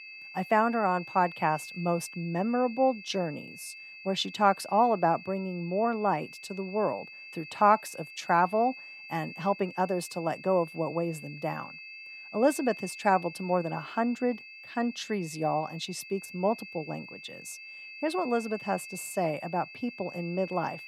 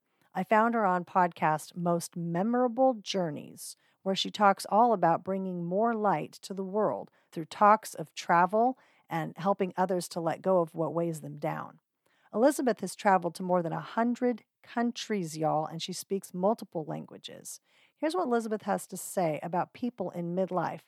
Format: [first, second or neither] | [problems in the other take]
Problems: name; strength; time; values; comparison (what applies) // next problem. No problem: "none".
second | high-pitched whine; noticeable; throughout; 2.5 kHz, 15 dB below the speech